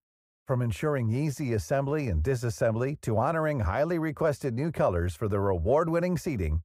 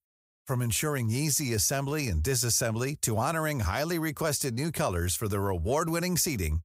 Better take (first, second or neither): second